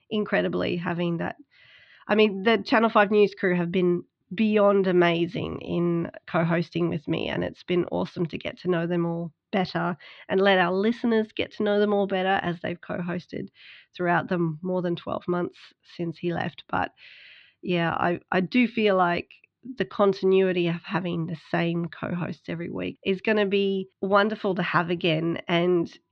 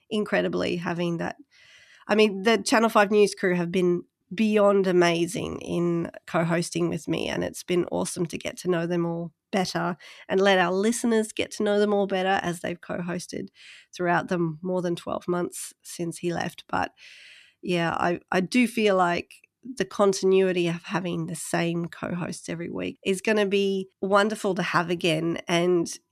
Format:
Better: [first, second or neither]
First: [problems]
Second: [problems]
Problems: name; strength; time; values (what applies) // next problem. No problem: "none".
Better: second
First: muffled; slightly; fading above 4 kHz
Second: none